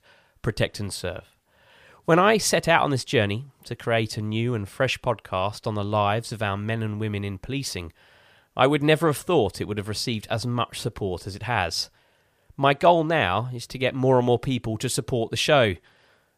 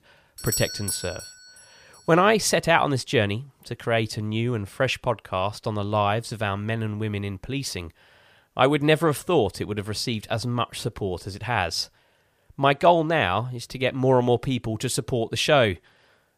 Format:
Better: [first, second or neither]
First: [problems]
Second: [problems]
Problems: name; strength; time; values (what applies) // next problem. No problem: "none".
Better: first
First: none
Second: doorbell; noticeable; at 0.5 s; peak 3 dB below the speech